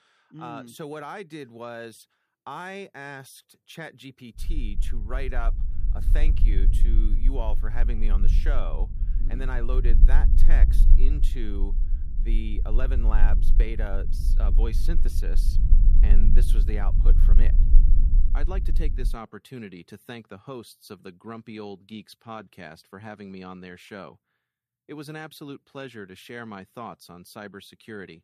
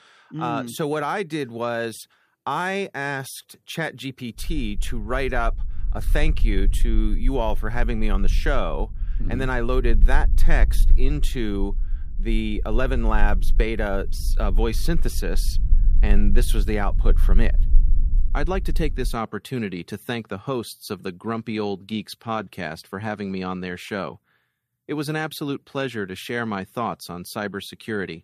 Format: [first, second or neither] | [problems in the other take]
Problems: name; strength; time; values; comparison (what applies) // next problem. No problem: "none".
second | low rumble; loud; from 4.5 to 19 s; 9 dB below the speech; faint in the second